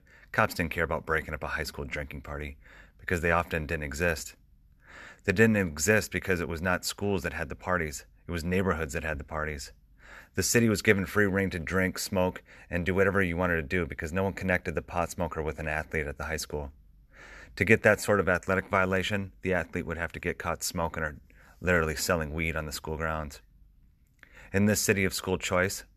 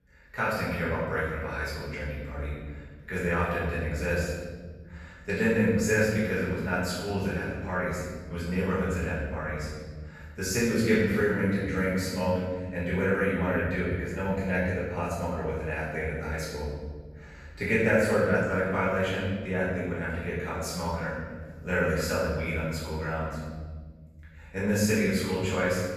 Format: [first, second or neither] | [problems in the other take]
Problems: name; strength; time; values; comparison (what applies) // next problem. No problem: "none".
first | room echo; strong; dies away in 1.9 s // off-mic speech; far